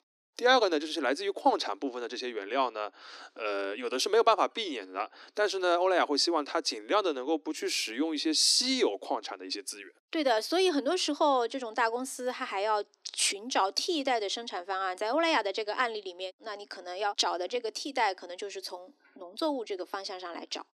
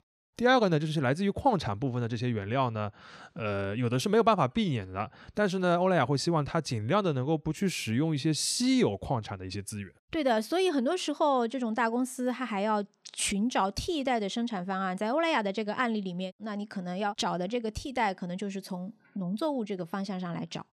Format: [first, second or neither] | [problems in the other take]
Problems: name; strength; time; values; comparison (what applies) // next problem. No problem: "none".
second | thin; somewhat; fading below 300 Hz